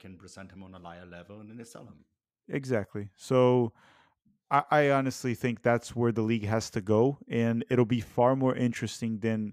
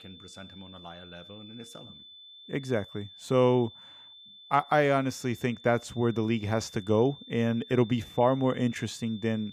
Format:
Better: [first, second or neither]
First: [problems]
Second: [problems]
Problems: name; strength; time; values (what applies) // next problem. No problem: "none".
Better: first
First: none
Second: high-pitched whine; noticeable; throughout; 3.5 kHz, 20 dB below the speech